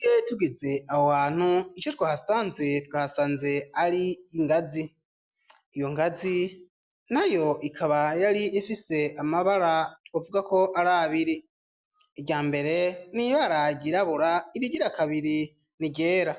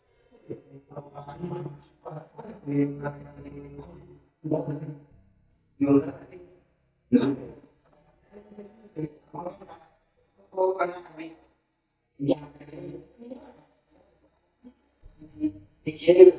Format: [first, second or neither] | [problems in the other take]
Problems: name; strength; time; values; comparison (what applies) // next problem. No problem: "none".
first | noise reduction (neural mask model DeepFilterNet 3)